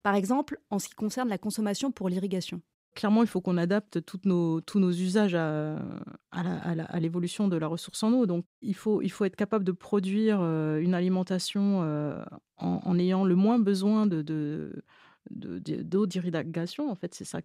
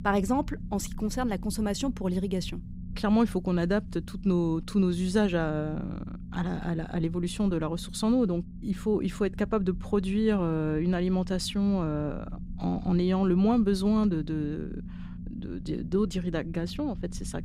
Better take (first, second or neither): first